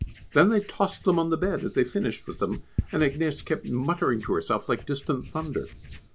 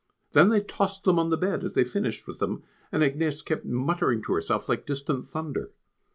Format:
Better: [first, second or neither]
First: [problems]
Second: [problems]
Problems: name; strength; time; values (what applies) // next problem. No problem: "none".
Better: second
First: background sound (Writing); 13 dB below the speech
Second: none